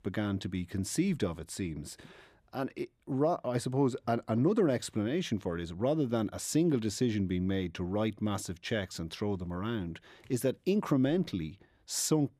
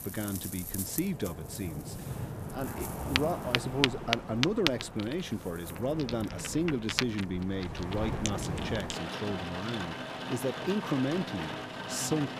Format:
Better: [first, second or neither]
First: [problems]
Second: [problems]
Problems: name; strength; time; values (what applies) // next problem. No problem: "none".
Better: first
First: none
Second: rain or running water; loud; throughout; 1 dB below the speech